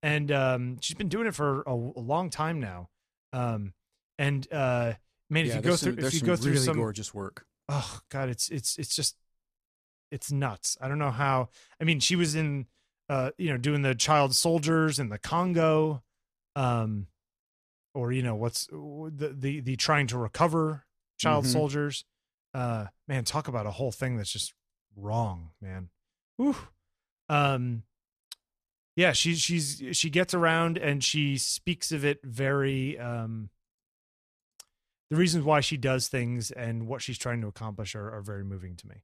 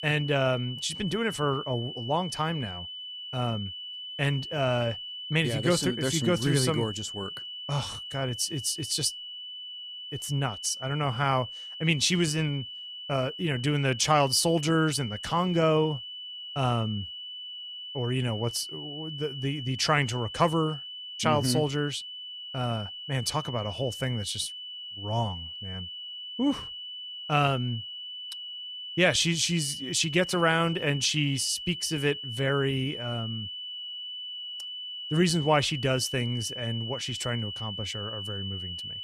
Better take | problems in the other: first | high-pitched whine; loud; throughout; 3 kHz, 8 dB below the speech

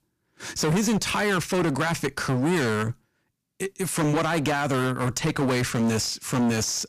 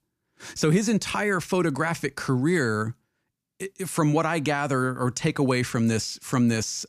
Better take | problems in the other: second | distortion; heavy; 22% of the sound clipped

